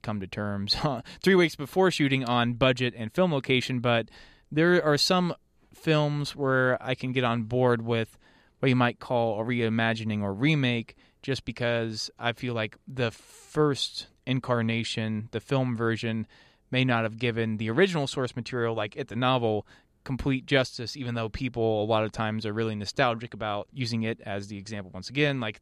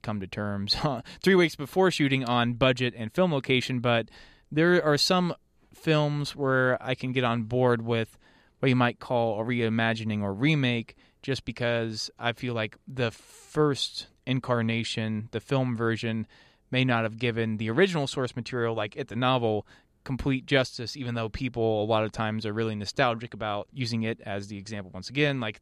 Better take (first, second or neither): neither